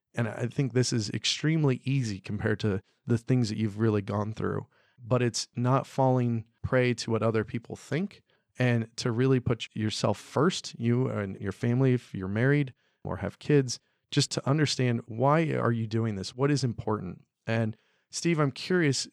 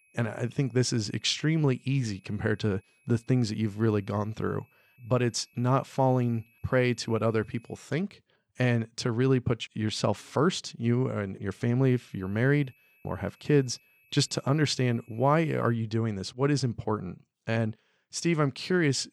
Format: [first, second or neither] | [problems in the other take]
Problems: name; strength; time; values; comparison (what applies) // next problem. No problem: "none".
first | high-pitched whine; faint; until 8 s and from 12 to 16 s; 2.5 kHz, 35 dB below the speech